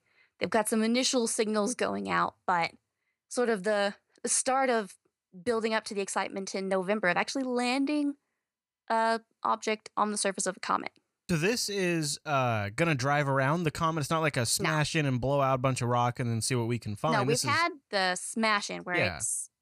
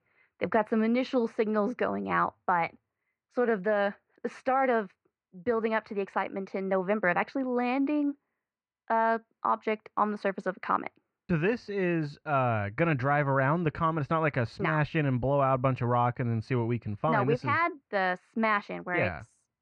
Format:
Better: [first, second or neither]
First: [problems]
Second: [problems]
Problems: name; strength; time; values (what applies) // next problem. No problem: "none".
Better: first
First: none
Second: muffled; very; fading above 2 kHz